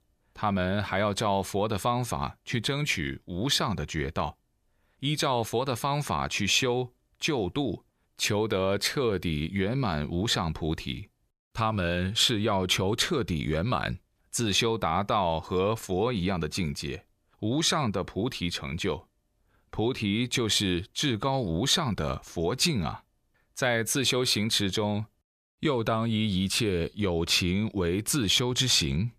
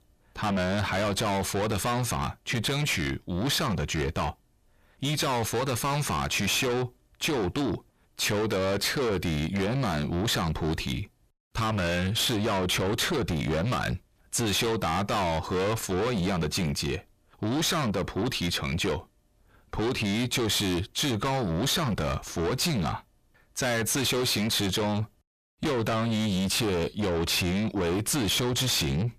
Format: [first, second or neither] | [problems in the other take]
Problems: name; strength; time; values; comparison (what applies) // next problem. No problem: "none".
first | distortion; heavy; 6 dB below the speech